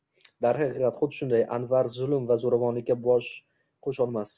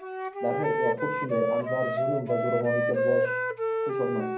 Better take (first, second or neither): first